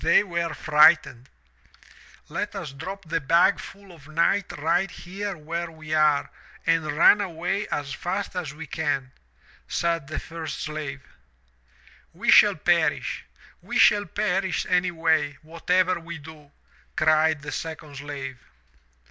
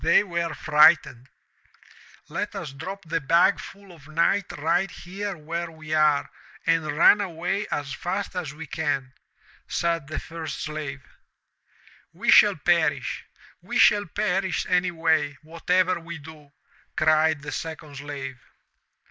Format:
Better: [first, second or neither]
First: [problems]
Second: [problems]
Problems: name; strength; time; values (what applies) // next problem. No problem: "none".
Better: first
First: none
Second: noise reduction (neural mask model Resemble Enhance denoiser)